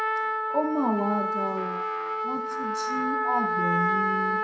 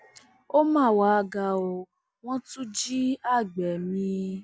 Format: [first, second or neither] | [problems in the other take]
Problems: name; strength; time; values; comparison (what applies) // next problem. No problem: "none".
second | background sound (Trumpet); 3 dB above the speech // room echo; dies away in 0.5 s